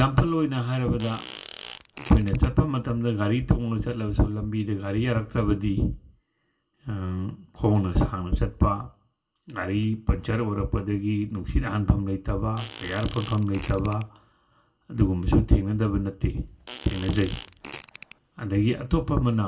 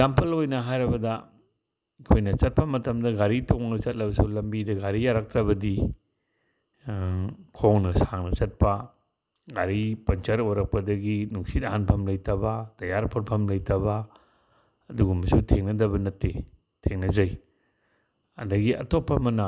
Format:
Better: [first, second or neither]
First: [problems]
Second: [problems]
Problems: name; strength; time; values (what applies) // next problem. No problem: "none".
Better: second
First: background sound (Fart); 17 dB below the speech // room echo; dies away in 0.2 s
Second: none